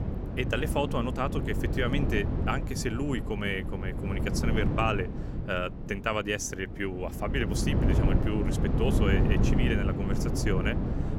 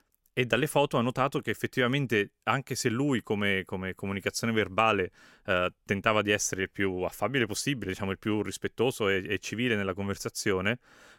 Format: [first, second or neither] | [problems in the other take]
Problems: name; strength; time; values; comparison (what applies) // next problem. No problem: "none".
second | wind noise on the microphone; heavy; 5 dB below the speech